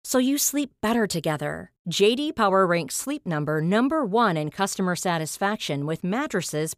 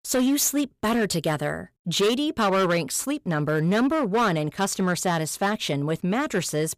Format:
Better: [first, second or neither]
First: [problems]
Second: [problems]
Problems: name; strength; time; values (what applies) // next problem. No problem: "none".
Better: first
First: none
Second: distortion; slight; 10% of the sound clipped